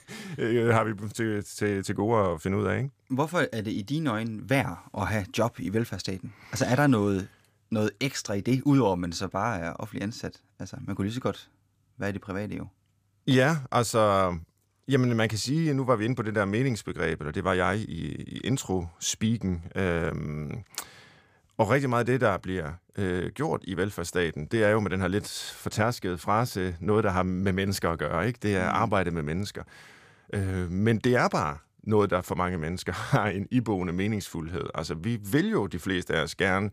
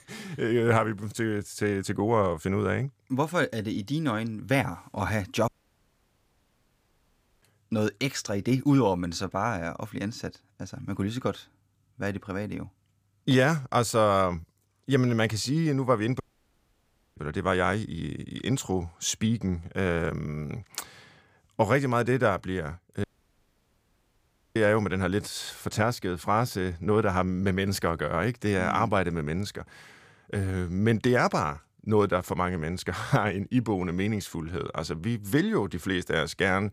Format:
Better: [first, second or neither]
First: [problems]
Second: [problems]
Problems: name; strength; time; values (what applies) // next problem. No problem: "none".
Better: first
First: none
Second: audio cutting out; at 5.5 s for 2 s, at 16 s for 1 s and at 23 s for 1.5 s